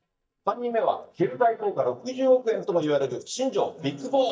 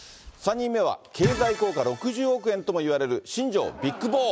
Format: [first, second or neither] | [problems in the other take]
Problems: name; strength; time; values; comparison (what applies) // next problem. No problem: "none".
second | noise reduction (neural mask model DeepFilterNet 3)